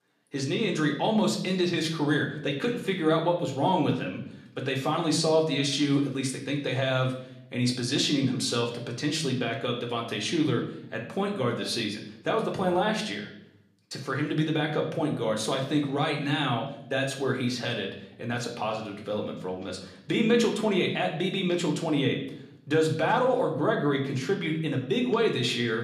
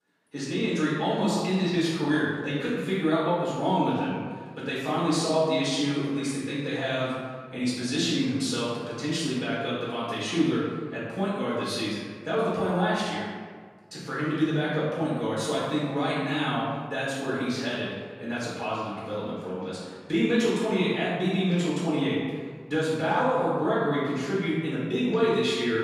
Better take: first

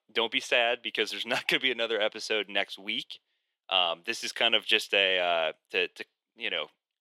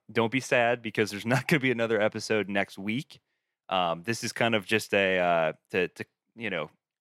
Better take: second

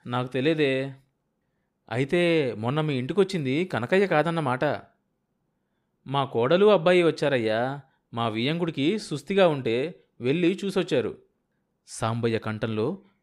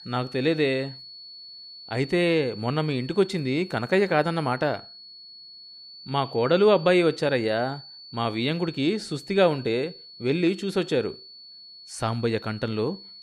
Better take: first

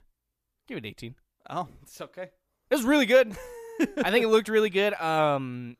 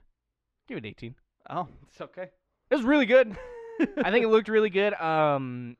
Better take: first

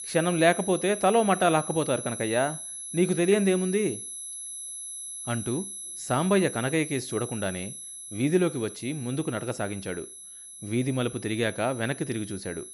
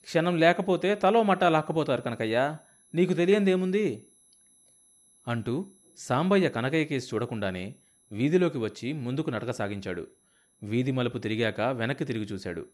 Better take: second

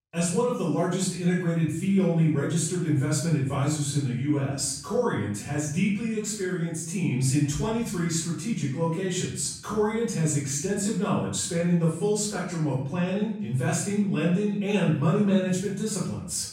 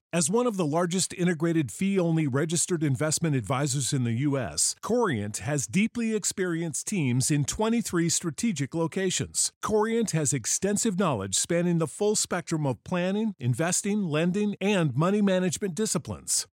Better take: second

